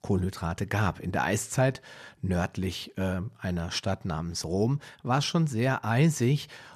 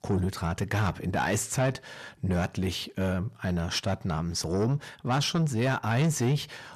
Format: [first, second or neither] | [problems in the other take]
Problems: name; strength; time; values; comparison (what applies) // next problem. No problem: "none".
first | distortion; slight; 10 dB below the speech